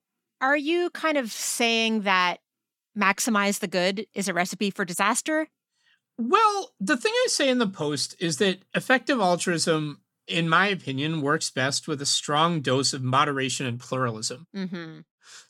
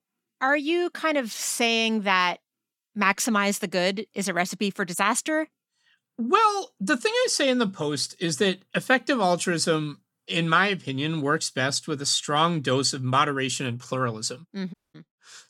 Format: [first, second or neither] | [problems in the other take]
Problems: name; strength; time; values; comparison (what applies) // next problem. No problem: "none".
first | audio cutting out; at 15 s